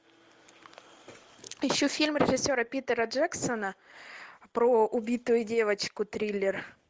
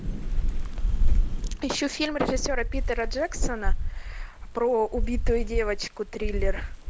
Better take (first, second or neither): first